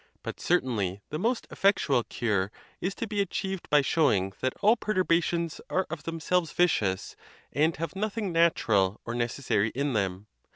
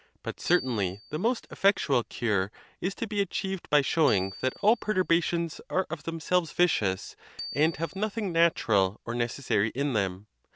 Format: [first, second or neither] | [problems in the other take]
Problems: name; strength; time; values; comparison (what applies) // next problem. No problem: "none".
first | background sound (Bicycle bell); 20 dB below the speech